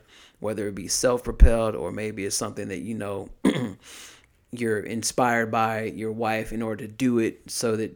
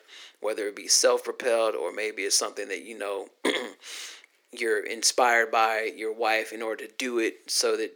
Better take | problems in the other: first | thin; very; fading below 350 Hz

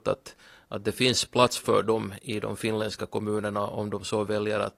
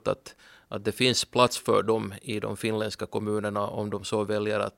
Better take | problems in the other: second | garbled, watery; slightly; nothing above 15 kHz

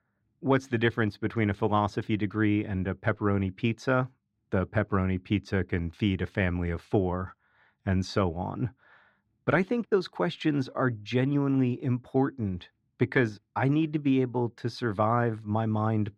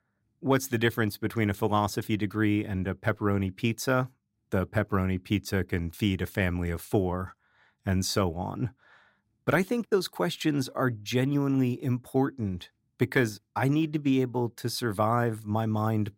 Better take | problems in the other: second | muffled; slightly; fading above 3 kHz

